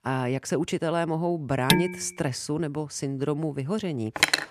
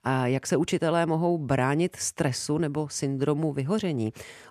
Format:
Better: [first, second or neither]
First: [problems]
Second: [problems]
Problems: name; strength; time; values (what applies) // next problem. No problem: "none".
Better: second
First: clattering dishes; loud; at 1.5 s; peak 5 dB above the speech // clattering dishes; very faint; at 4 s; peak 6 dB above the speech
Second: none